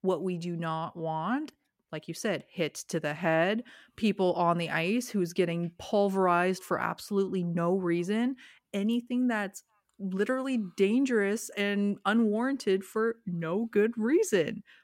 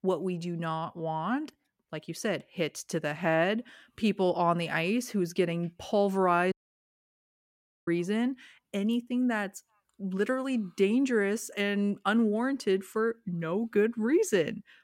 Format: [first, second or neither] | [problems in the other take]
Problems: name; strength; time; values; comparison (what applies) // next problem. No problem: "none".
first | audio cutting out; at 6.5 s for 1.5 s